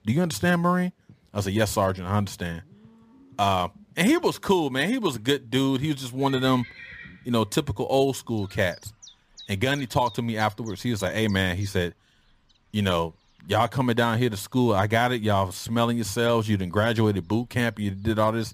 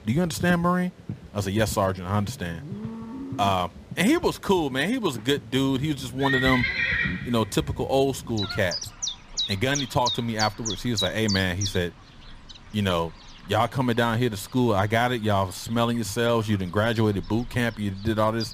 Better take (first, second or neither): first